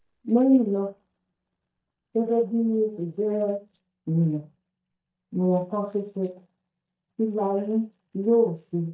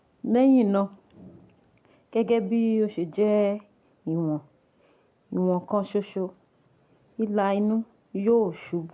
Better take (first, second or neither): second